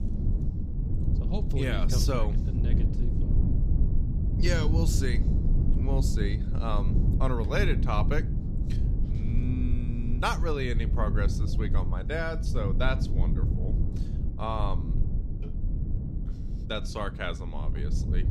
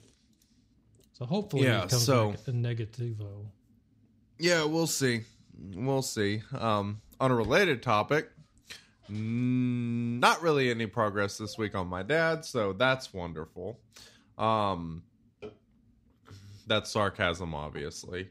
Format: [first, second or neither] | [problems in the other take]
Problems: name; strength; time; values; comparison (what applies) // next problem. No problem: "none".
second | low rumble; loud; throughout; 8 dB below the speech